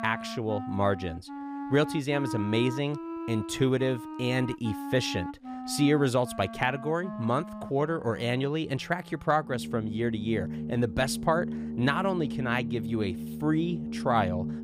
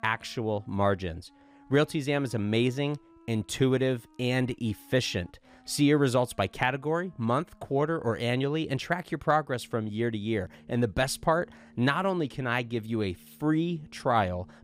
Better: second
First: background music; loud; throughout; 8 dB below the speech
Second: background music; faint; throughout; 30 dB below the speech

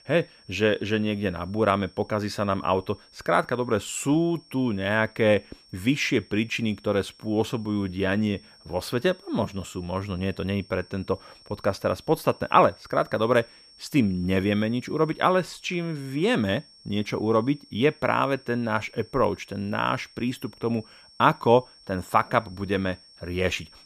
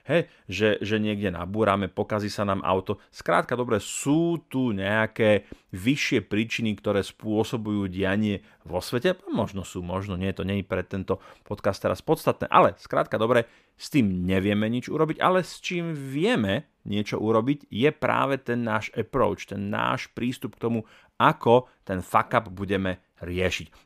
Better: second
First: high-pitched whine; faint; throughout; 5.5 kHz, 25 dB below the speech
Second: none

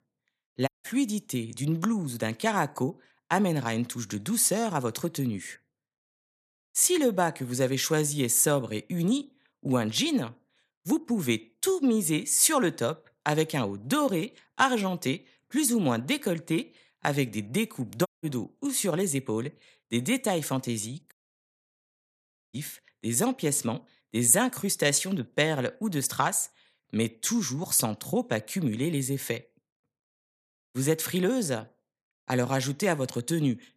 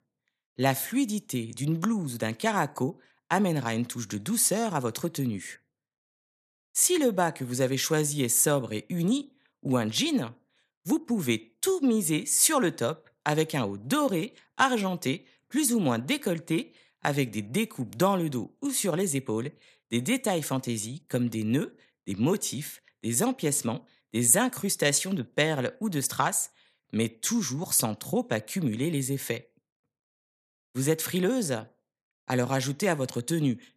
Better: second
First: audio cutting out; at 0.5 s, at 18 s and at 21 s for 1.5 s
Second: none

